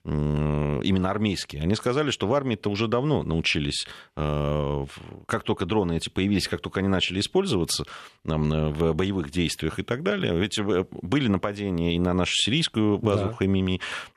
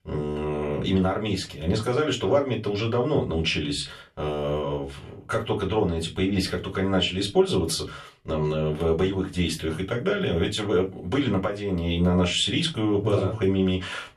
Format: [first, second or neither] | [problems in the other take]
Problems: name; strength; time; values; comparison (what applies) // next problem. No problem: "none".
first | off-mic speech; far // room echo; very slight; dies away in 0.2 s